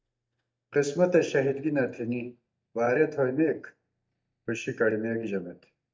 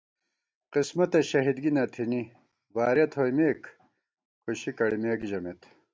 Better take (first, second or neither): second